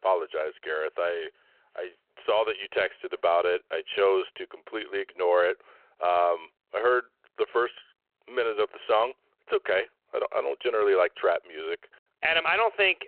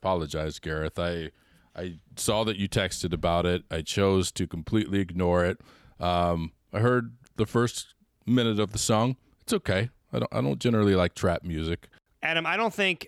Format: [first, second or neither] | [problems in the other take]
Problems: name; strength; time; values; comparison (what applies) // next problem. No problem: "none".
second | phone-call audio